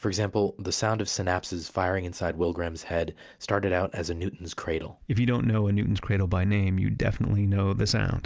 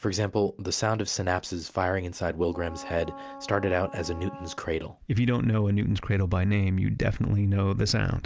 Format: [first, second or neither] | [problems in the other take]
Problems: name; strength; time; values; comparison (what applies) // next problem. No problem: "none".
first | background sound (Wind instrument, woodwind instrument); 18 dB below the speech